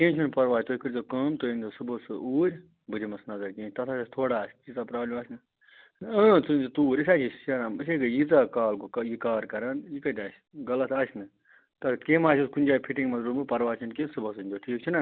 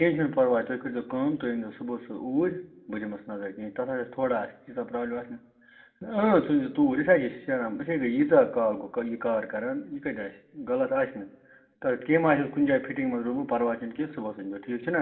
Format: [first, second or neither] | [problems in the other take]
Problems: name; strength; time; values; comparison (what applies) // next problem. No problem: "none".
first | room echo; dies away in 1.6 s